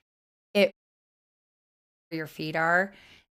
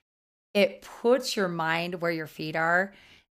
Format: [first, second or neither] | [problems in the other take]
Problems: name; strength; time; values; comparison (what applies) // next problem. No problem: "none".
second | audio cutting out; at 0.5 s for 1.5 s